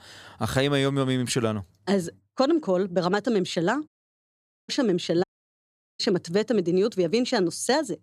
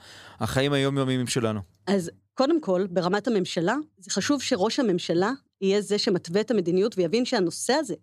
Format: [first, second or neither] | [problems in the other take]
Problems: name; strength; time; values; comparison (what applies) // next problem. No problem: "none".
second | audio cutting out; at 4 s for 1 s and at 5 s for 1 s